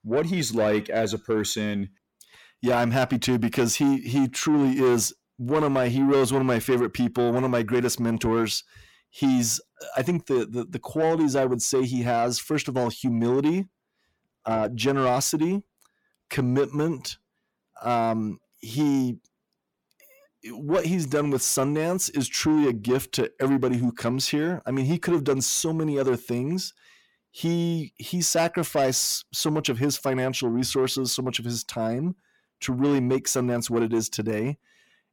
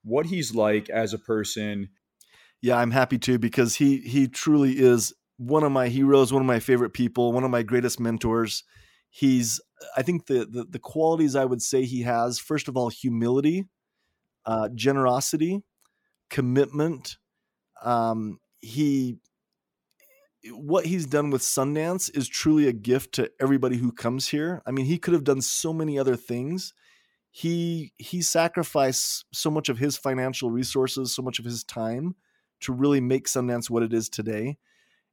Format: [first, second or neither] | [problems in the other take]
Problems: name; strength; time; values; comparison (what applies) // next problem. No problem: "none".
second | distortion; slight; 10 dB below the speech